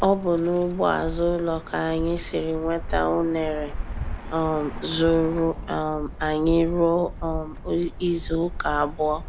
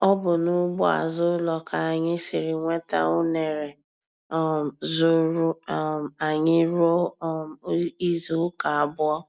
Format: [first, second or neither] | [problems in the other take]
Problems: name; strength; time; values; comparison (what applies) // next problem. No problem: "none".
second | background sound (Bird); 9 dB below the speech